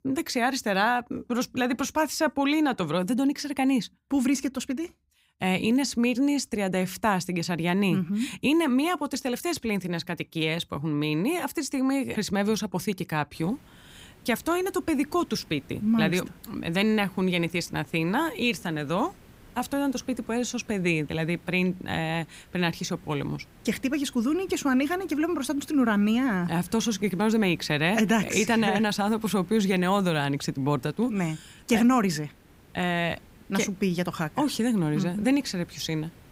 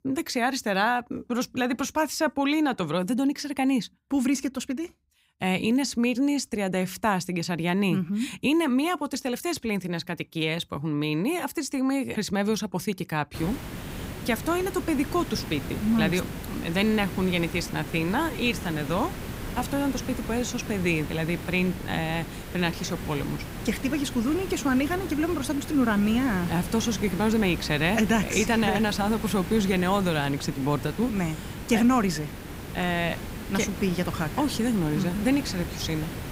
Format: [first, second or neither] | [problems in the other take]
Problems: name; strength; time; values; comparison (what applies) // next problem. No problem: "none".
first | hiss; loud; from 13 s on; 10 dB below the speech; faint in the first